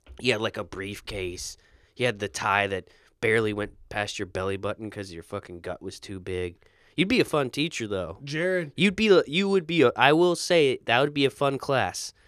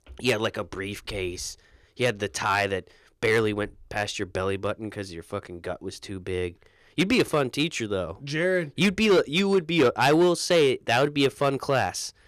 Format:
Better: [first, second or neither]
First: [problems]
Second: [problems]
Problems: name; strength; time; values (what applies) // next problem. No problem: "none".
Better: first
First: none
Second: distortion; slight; 3% of the sound clipped